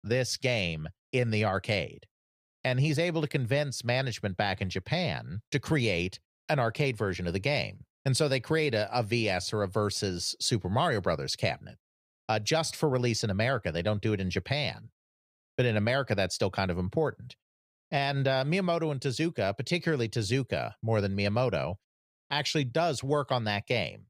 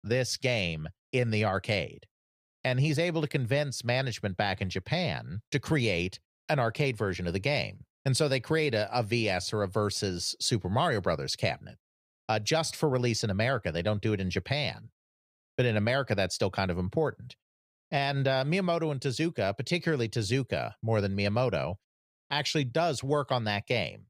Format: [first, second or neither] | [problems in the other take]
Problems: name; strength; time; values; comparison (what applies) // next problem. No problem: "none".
neither | none